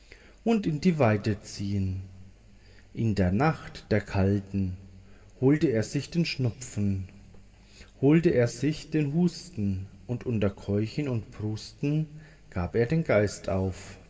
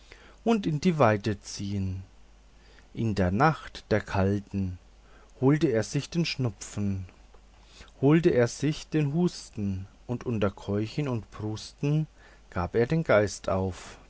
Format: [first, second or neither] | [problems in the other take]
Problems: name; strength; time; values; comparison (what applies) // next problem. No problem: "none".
second | room echo; dies away in 1.3 s